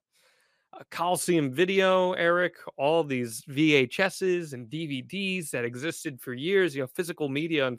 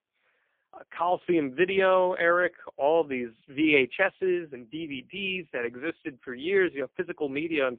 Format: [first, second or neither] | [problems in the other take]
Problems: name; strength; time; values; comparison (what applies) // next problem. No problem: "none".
first | phone-call audio; poor line